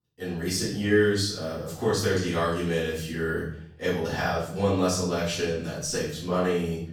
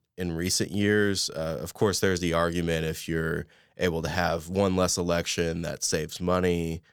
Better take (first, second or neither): second